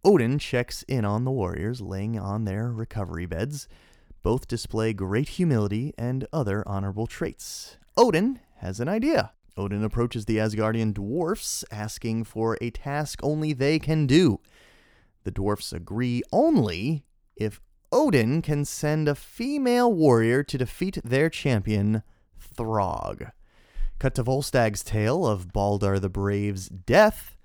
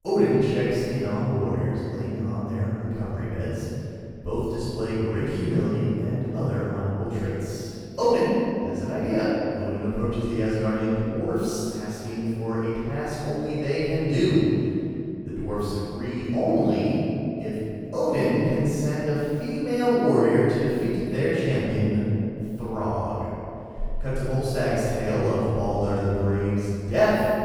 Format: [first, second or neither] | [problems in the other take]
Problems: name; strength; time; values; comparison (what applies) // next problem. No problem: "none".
first | off-mic speech; far // room echo; strong; dies away in 2.8 s